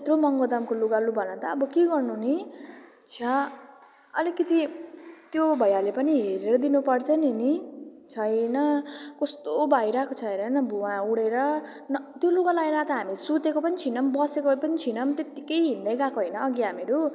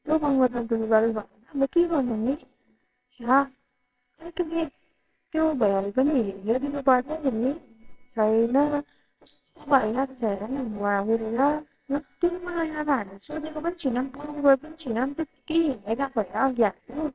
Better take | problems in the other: first | noise reduction (neural separator model SepFormer WHAMR!)

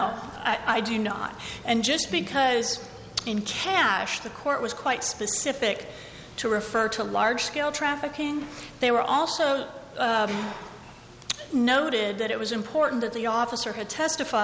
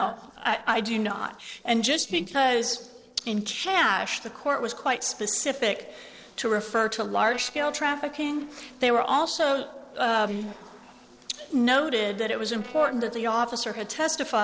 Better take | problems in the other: first | noise reduction (neural separator model SepFormer DNS4)

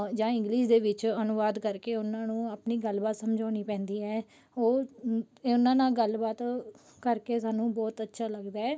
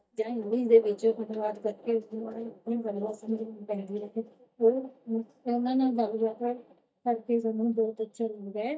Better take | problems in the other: first | noise reduction (neural mask model DeepFilterNet 3)

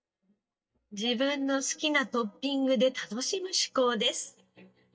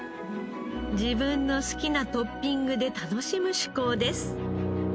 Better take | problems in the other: second | noise reduction (neural mask model DeepFilterNet 3)

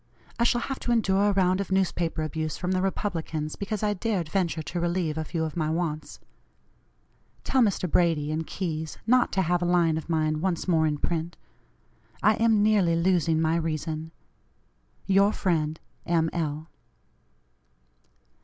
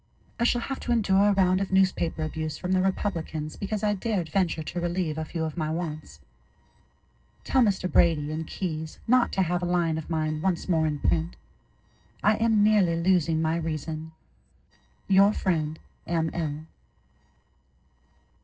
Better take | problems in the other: first | noise reduction (neural separator model SepFormer DNS4)

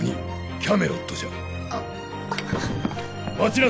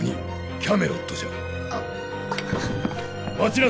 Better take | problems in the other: first | background sound (Wind instrument, woodwind instrument); 11 dB below the speech

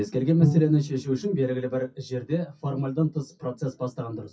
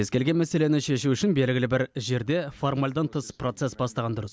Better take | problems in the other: second | noise reduction (classical method WPE with log-MMSE)

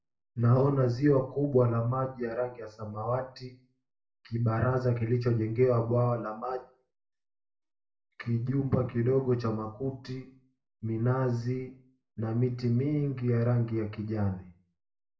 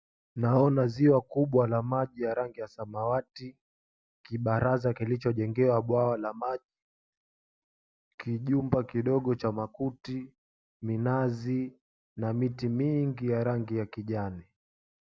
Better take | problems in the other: second | room echo; dies away in 0.4 s

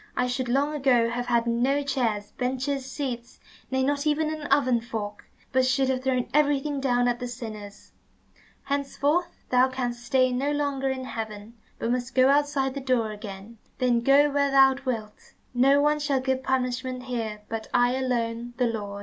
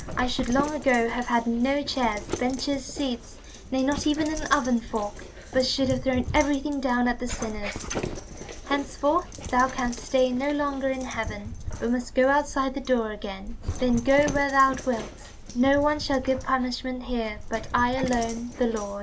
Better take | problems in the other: first | background sound (Dog); 10 dB below the speech

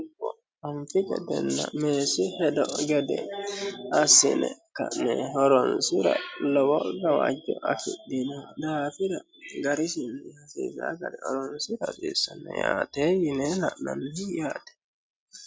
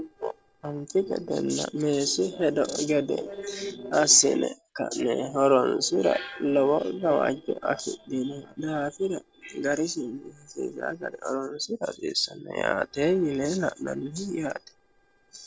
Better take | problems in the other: first | noise reduction (neural separator model SepFormer DNS4)

